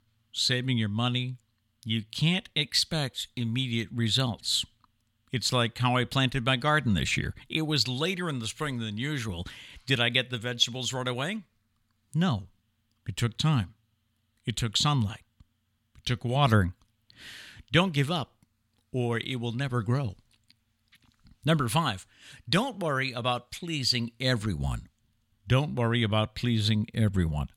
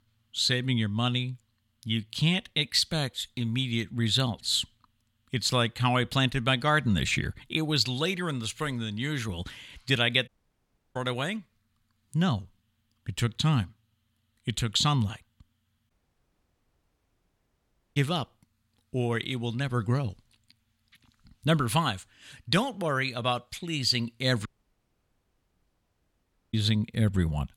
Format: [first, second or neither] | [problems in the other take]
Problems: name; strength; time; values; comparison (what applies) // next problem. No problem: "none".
first | audio cutting out; at 10 s for 0.5 s, at 16 s for 2 s and at 24 s for 2 s